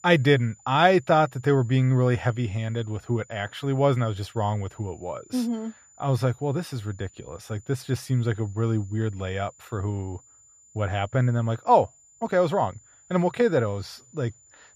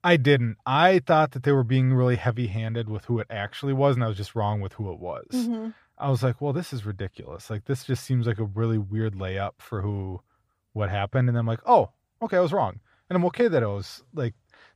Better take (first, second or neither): second